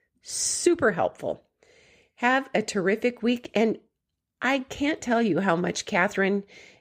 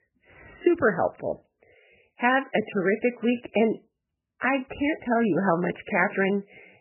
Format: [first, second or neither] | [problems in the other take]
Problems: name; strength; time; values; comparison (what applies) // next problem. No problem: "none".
first | garbled, watery; badly; nothing above 3 kHz